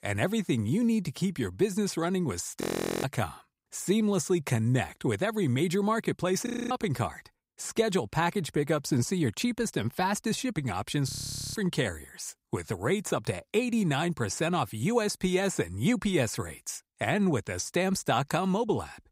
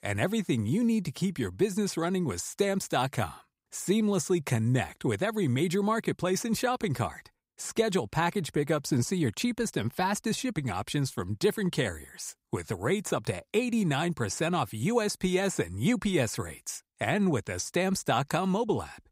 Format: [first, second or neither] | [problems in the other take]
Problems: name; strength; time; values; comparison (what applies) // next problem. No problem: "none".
second | audio freezing; at 2.5 s, at 6.5 s and at 11 s